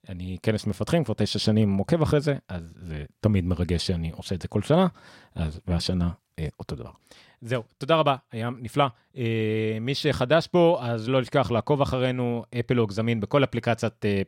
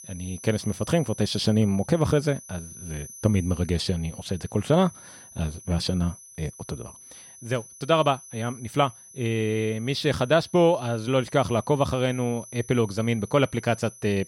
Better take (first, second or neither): first